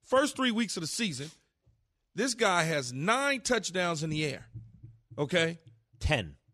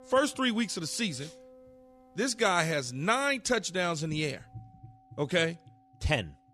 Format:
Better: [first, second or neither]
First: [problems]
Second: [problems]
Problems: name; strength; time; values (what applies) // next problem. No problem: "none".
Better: first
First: none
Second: background music; faint; throughout; 30 dB below the speech